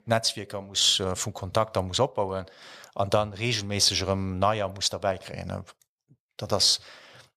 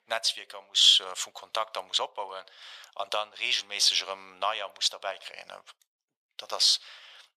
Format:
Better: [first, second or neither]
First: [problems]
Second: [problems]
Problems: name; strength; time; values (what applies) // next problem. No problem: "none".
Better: first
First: none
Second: thin; very; fading below 900 Hz